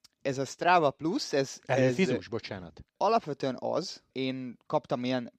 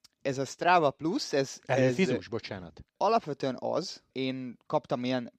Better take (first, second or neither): neither